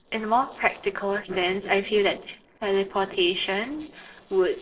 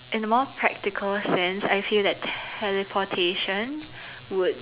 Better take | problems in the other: second | noise reduction (neural separator model SepFormer DNS4)

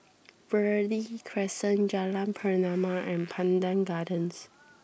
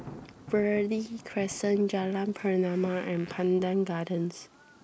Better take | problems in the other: first | background sound (Thunder); 20 dB below the speech

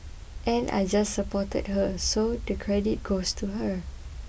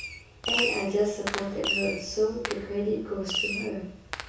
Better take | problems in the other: first | background sound (Fireworks); 3 dB below the speech // room echo; dies away in 0.6 s

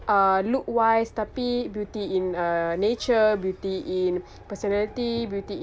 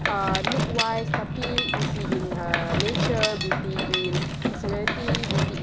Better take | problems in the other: first | background sound (Mechanisms); 5 dB above the speech

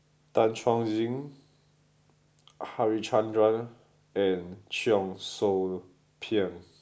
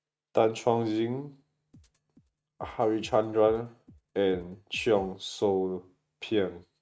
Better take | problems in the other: first | noise reduction (neural mask model RNNoise)

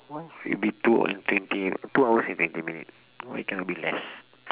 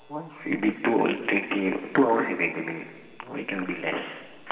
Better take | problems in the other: first | room echo; dies away in 2 s

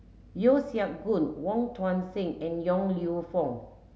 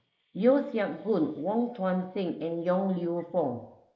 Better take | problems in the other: first | noise reduction (neural mask model Resemble Enhance denoiser)

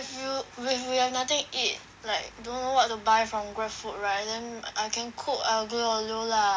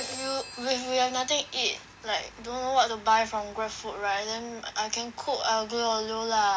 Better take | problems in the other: first | background sound (Telephone); 19 dB below the speech

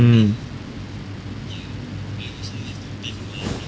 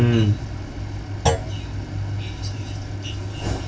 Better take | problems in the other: first | background sound (Thump, thud); 4 dB below the speech // room echo; dies away in 0.2 s

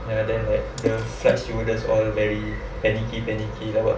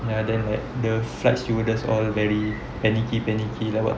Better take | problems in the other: second | background sound (Water / Splash, splatter); 14 dB below the speech // room echo; dies away in 0.3 s

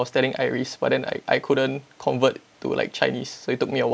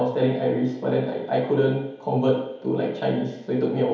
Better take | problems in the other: first | room echo; dies away in 2.2 s

